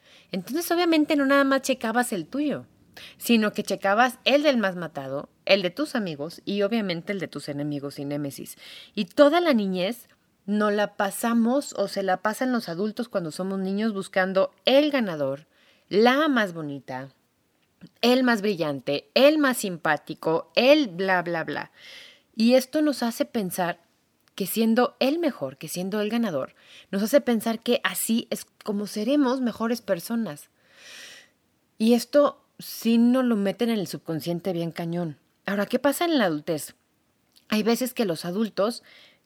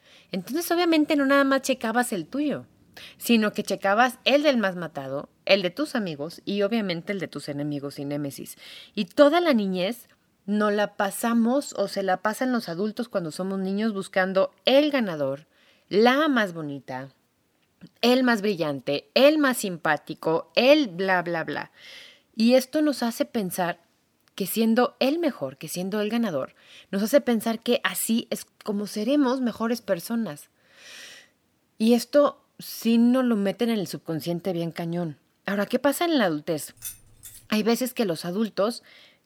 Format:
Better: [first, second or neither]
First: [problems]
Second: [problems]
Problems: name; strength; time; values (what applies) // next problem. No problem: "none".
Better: first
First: none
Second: jangling keys; faint; at 37 s; peak 15 dB below the speech